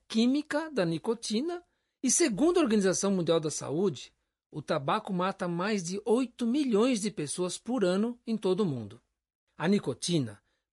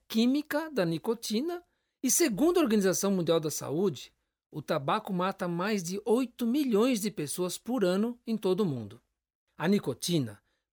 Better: second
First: garbled, watery; slightly; nothing above 11 kHz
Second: none

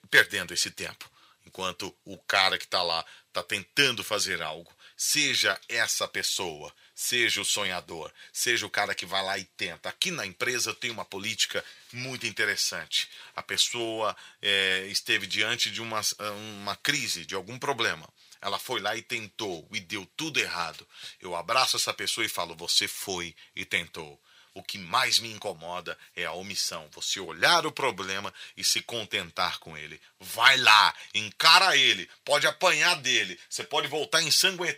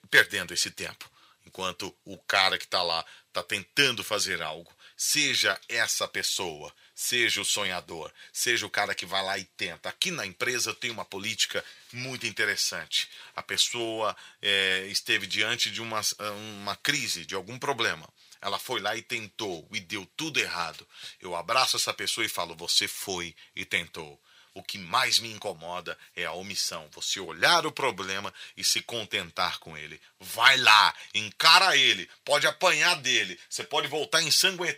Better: neither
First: thin; somewhat; fading below 1 kHz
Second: thin; somewhat; fading below 1 kHz

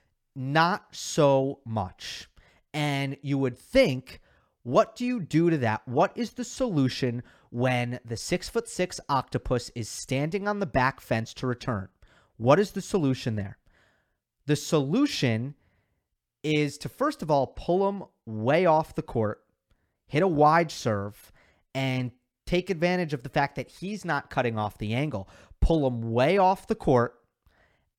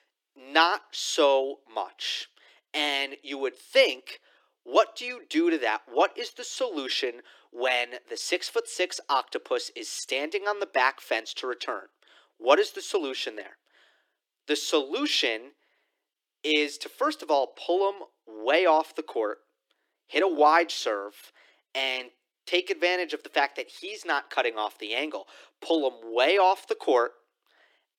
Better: first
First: none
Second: thin; somewhat; fading below 300 Hz

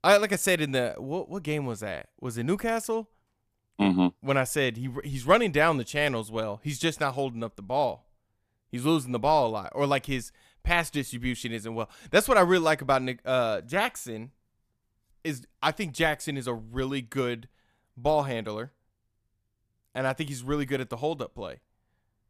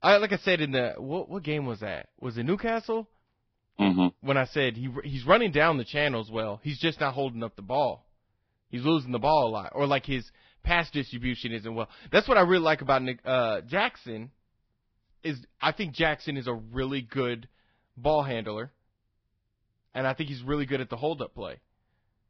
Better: first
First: none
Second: garbled, watery; badly; nothing above 5.5 kHz

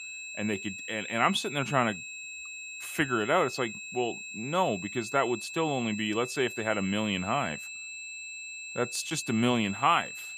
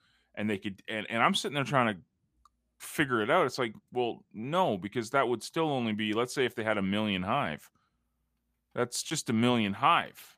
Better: second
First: high-pitched whine; loud; throughout; 2.5 kHz, 9 dB below the speech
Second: none

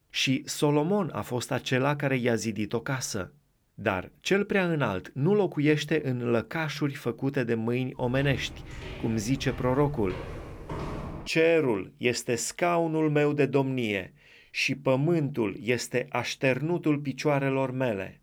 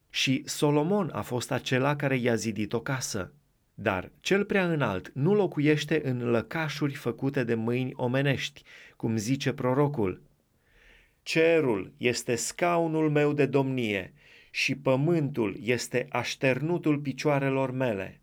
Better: second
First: footsteps; noticeable; from 8 to 11 s; peak 8 dB below the speech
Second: none

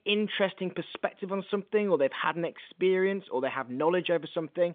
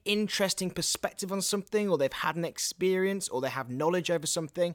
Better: second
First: phone-call audio; nothing above 3.5 kHz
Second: none

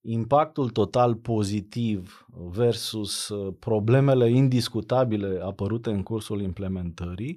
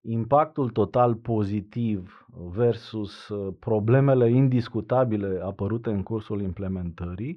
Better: first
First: none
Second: muffled; very; fading above 2 kHz

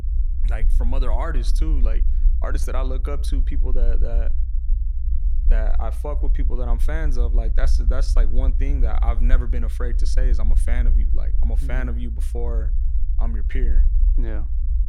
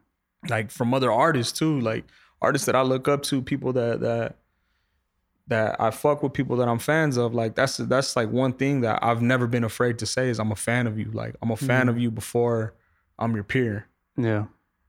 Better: second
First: low rumble; noticeable; throughout; 10 dB below the speech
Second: none

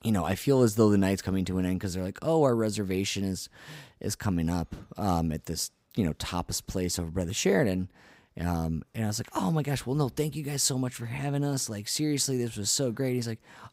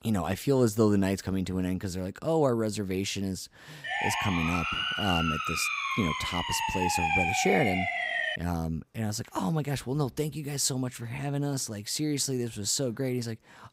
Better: first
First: none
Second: siren; loud; from 4 to 8.5 s; peak 4 dB above the speech

